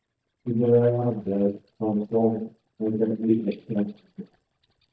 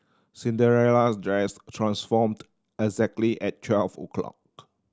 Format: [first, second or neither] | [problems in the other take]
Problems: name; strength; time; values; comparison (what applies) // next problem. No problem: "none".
second | noise reduction (neural mask model DeepFilterNet 3)